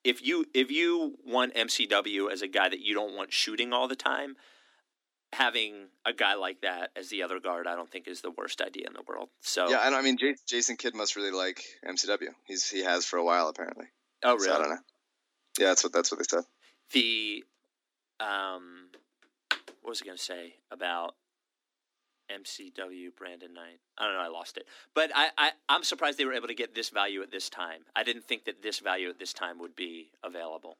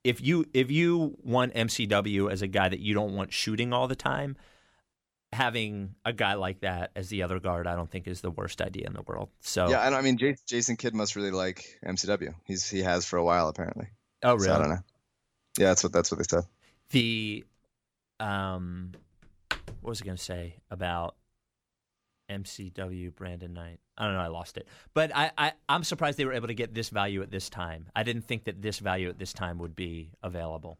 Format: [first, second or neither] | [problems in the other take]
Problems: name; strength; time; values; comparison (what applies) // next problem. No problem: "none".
second | thin; very slightly; fading below 250 Hz